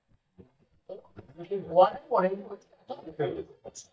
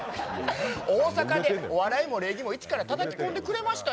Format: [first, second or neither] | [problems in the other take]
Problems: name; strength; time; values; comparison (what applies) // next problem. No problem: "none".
second | noise reduction (neural mask model DeepFilterNet 3)